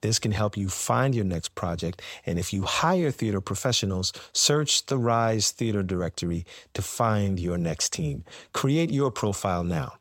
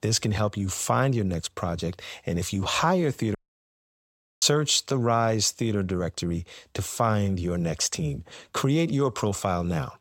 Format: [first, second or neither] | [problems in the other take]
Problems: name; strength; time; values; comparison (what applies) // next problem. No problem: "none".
first | audio cutting out; at 3.5 s for 1 s